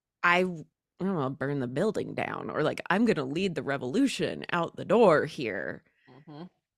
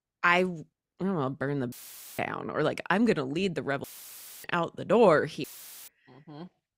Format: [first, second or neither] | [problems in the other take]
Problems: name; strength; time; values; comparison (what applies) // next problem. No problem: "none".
first | audio cutting out; filled with static; at 1.5 s, at 4 s for 0.5 s and at 5.5 s